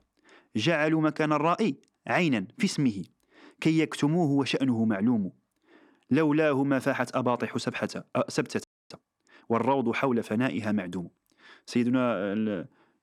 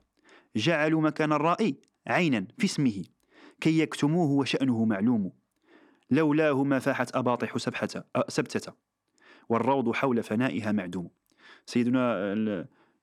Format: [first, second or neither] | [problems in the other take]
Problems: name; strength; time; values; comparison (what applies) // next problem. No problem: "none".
second | audio freezing; at 8.5 s